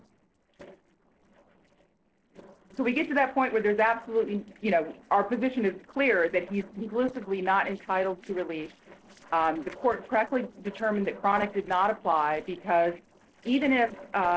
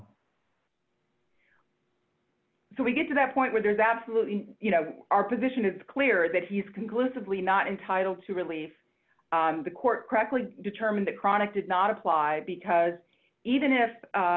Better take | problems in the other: second | noise reduction (neural separator model SepFormer DNS4)

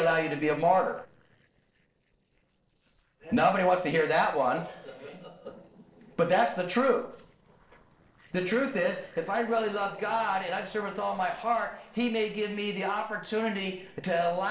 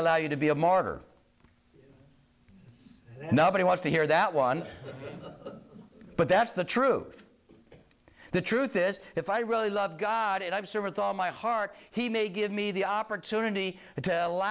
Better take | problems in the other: second | noise reduction (neural separator model SepFormer DNS4)

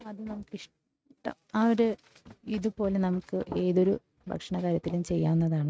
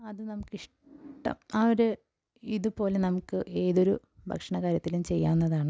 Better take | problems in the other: second | noise reduction (neural mask model RNNoise)

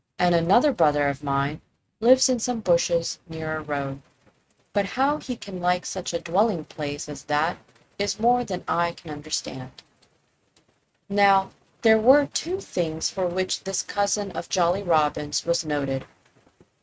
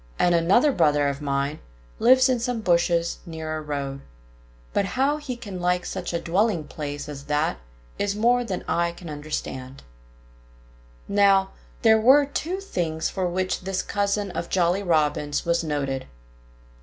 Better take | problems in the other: second | noise reduction (neural mask model RNNoise)

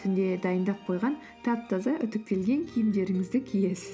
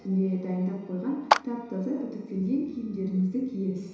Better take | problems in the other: first | background sound (Clapping); 1 dB below the speech // room echo; dies away in 1 s

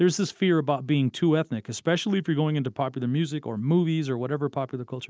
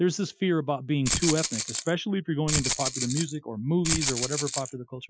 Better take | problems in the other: first | noise reduction (classical method Wiener filter)

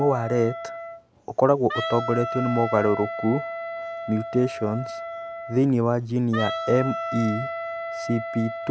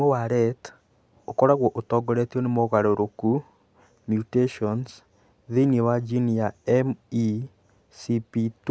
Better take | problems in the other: second | background sound (Wind instrument, woodwind instrument); 7 dB below the speech

